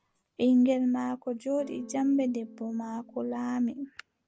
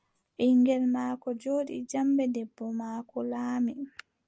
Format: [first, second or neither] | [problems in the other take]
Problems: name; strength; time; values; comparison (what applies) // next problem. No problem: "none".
second | background sound (Electric guitar / Strum); 19 dB below the speech